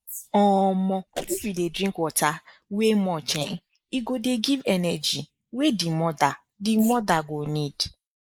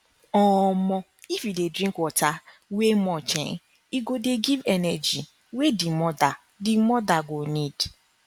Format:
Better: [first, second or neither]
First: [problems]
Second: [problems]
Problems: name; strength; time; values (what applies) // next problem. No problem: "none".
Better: second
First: noise reduction (neural mask model Resemble Enhance denoiser)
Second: none